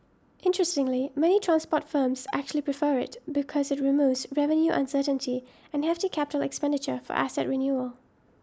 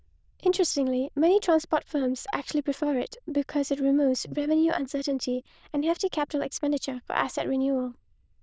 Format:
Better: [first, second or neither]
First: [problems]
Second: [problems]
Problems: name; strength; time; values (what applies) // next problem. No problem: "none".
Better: first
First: none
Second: noise reduction (neural diffusion model UNIVERSE++)